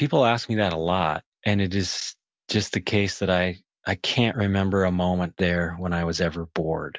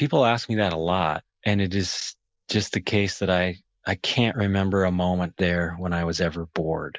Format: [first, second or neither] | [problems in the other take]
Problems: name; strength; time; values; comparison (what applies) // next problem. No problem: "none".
first | noise reduction (neural mask model Resemble Enhance denoiser)